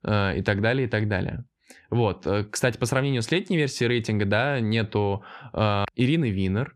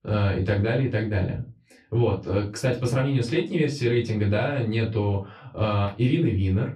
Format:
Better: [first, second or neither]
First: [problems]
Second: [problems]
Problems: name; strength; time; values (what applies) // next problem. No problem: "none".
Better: first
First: none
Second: off-mic speech; far // room echo; very slight; dies away in 0.3 s